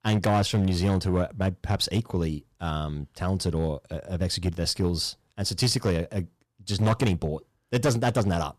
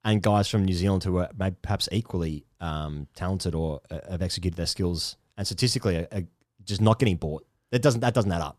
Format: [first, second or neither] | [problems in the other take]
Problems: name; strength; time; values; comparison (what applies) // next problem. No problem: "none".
second | distortion; slight; 5% of the sound clipped